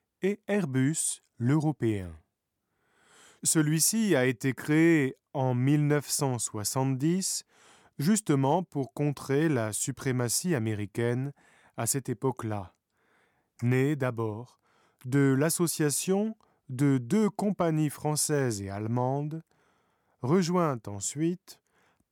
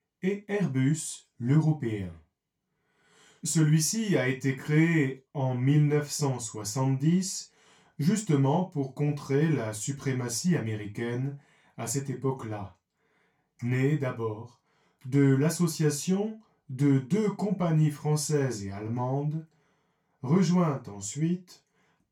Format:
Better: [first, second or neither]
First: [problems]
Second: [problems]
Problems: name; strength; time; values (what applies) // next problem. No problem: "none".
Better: first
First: none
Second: room echo; slight; dies away in 0.2 s // off-mic speech; far